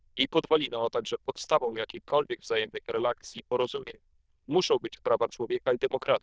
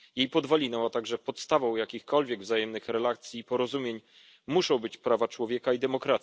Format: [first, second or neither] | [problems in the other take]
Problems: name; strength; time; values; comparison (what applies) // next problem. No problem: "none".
second | noise reduction (neural diffusion model UNIVERSE++)